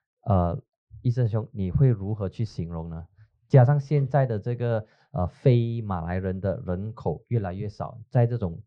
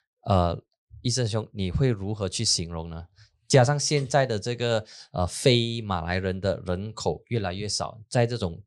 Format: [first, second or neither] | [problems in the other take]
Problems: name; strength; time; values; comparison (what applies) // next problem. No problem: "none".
second | muffled; very; fading above 1.5 kHz